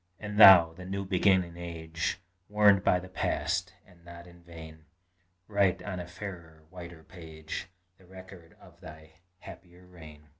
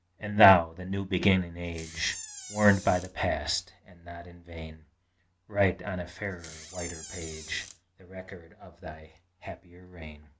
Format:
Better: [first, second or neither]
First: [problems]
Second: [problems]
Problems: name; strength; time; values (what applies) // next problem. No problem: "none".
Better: first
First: none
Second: background sound (Door); 14 dB below the speech